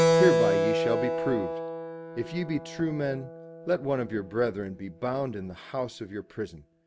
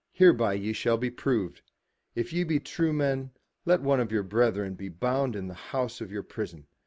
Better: second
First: background sound (Keyboard (musical)); 1 dB above the speech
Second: none

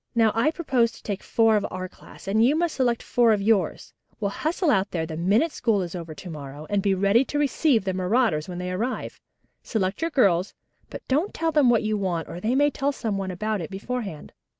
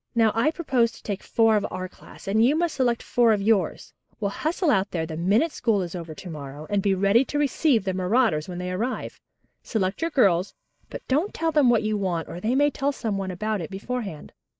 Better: first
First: none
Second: noise reduction (neural mask model Resemble Enhance denoiser)

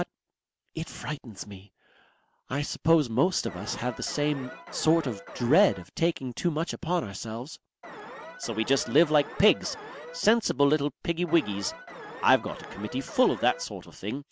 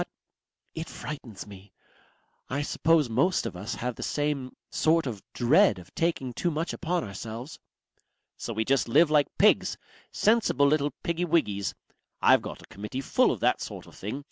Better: second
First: background sound (Alarm); 14 dB below the speech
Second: none

